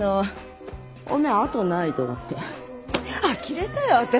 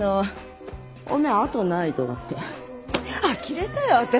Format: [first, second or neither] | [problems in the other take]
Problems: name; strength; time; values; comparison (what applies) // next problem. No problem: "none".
second | background sound (Wind instrument, woodwind instrument); 19 dB below the speech